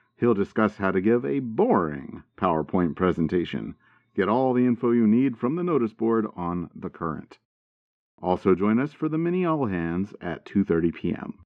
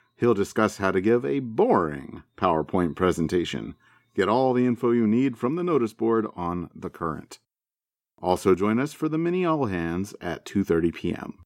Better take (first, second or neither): second